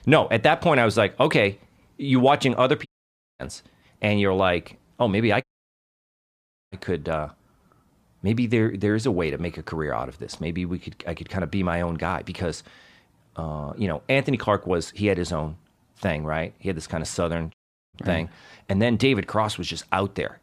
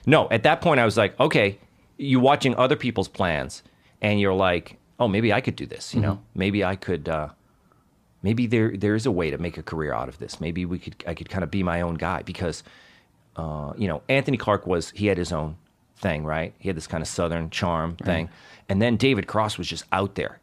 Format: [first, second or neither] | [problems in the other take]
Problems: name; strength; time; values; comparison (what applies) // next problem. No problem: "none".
second | audio cutting out; at 3 s for 0.5 s, at 5.5 s for 1.5 s and at 18 s